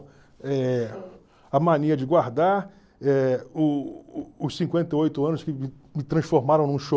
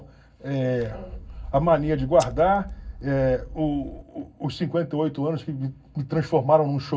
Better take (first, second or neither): first